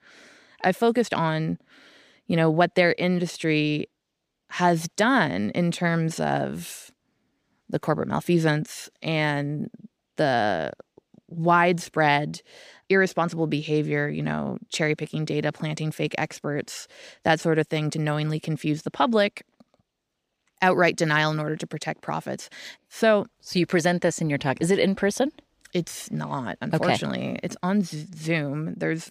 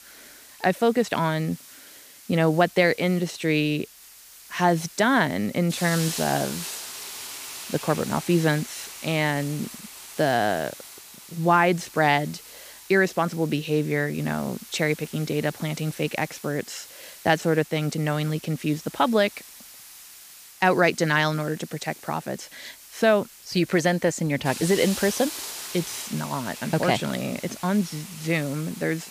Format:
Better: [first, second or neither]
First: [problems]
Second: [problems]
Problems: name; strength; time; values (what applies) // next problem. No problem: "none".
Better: first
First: none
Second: hiss; noticeable; throughout; 15 dB below the speech